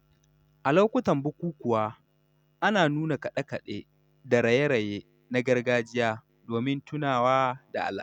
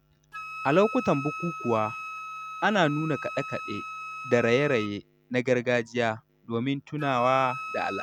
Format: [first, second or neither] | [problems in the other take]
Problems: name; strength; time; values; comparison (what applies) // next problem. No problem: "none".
first | background sound (Wind instrument, woodwind instrument); 11 dB below the speech